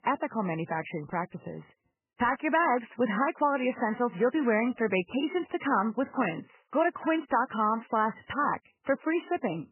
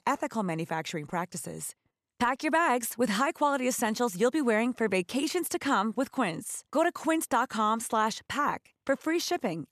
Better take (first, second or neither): second